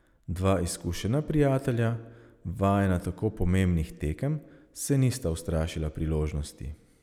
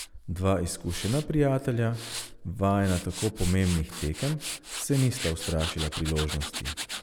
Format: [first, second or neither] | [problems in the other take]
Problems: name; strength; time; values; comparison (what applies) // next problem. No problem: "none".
first | background sound (Tools); 10 dB below the speech